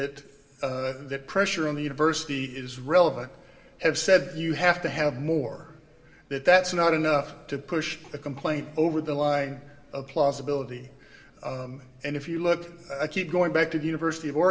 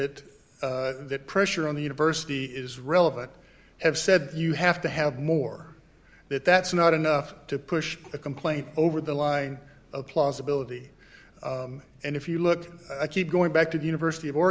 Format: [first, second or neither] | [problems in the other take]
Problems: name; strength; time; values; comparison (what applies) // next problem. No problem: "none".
second | room echo; dies away in 1 s